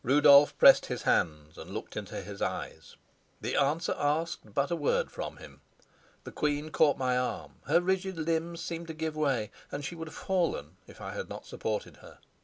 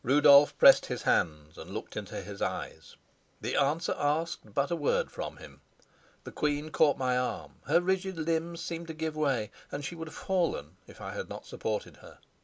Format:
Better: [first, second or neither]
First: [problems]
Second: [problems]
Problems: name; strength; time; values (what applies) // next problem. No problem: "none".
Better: first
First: none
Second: background sound (Cutlery, silverware); 19 dB below the speech